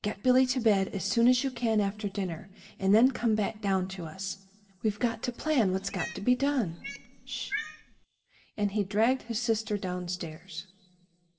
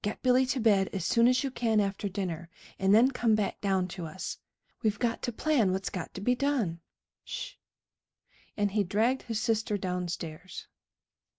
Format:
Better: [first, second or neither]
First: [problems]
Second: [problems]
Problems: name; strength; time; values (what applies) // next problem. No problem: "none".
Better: second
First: background sound (Cat); 12 dB below the speech // room echo; dies away in 0.6 s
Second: none